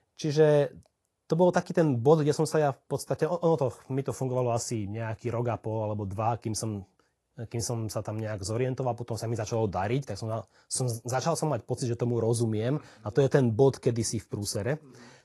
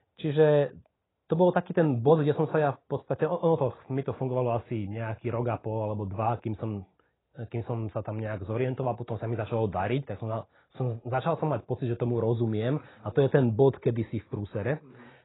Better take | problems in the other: first | garbled, watery; badly; nothing above 4 kHz; slightly in the first

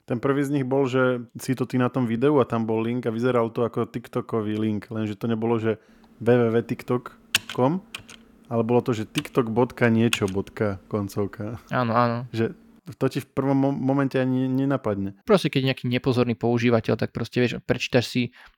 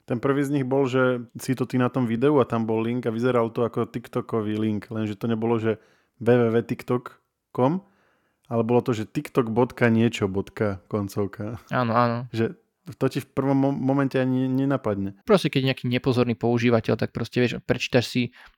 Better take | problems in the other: second | keyboard typing; noticeable; from 7.5 to 10 s; peak 1 dB below the speech

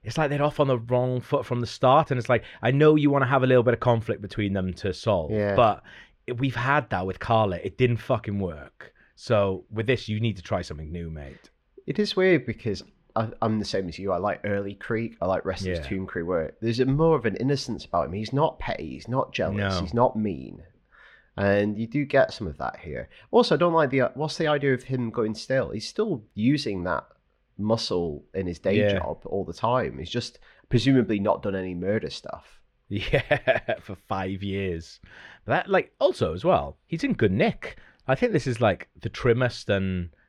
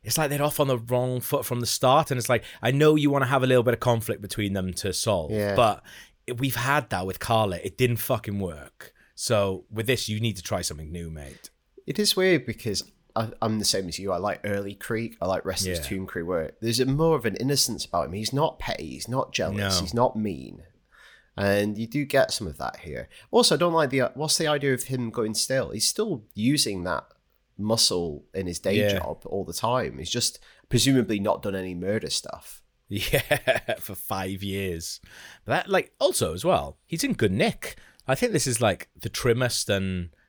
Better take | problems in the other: second | muffled; slightly; fading above 2.5 kHz

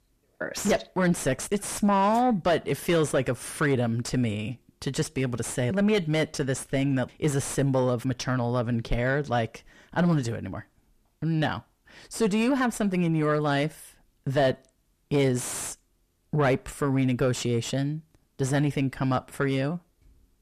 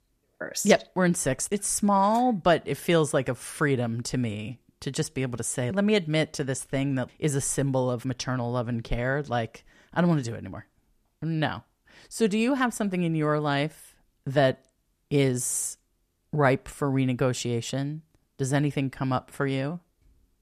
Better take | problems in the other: second | distortion; slight; 9 dB below the speech

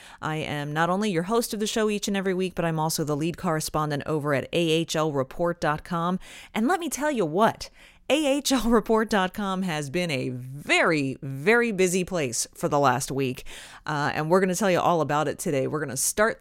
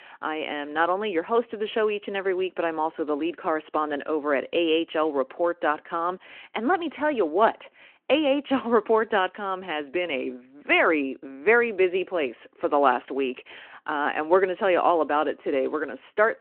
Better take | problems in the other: first | phone-call audio

